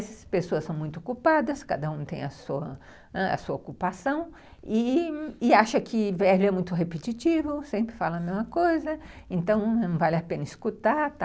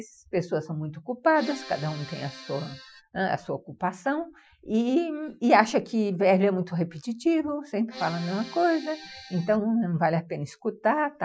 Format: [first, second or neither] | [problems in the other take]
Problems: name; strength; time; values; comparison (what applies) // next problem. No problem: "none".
first | noise reduction (classical method Wiener filter)